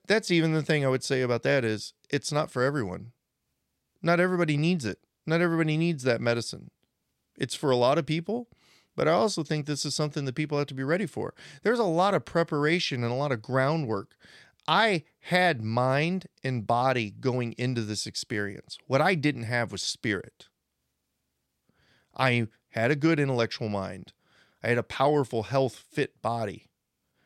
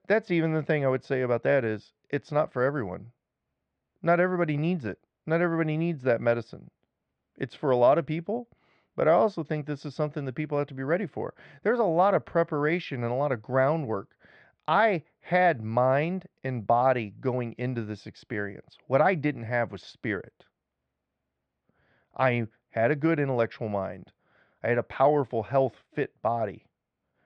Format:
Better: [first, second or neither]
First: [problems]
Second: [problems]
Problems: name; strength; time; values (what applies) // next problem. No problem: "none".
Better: first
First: none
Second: muffled; very; fading above 2 kHz